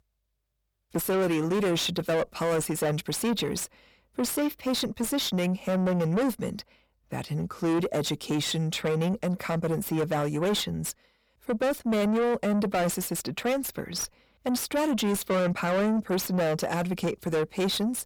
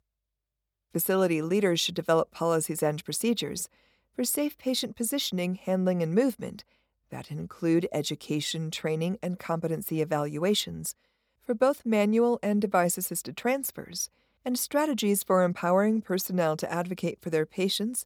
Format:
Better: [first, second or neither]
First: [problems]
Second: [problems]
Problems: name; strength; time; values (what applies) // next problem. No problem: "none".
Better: second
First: distortion; heavy; 7 dB below the speech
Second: none